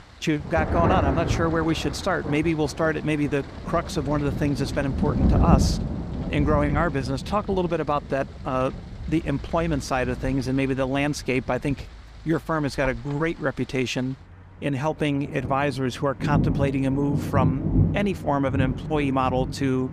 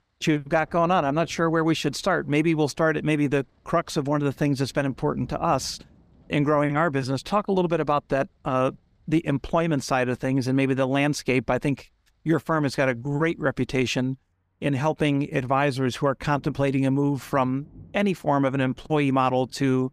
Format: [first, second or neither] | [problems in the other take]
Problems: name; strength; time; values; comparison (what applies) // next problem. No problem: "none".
second | rain or running water; loud; throughout; 3 dB below the speech; faint in the second